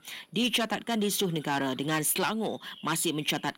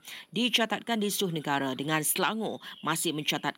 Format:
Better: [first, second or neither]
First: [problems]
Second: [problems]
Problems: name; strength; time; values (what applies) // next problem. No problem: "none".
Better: second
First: distortion; slight; 5% of the sound clipped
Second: none